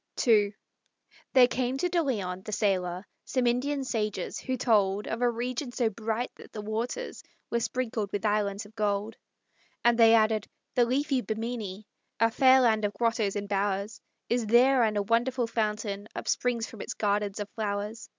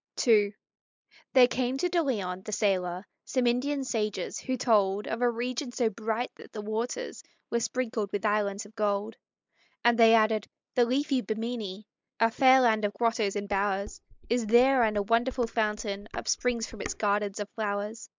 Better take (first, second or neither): first